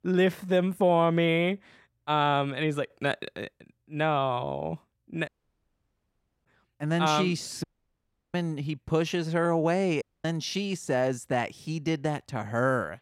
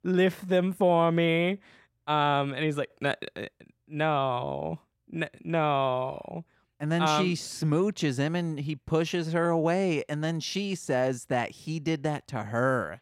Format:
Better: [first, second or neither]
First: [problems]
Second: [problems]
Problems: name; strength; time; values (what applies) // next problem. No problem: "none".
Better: second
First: audio cutting out; at 5.5 s for 1 s, at 7.5 s for 0.5 s and at 10 s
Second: none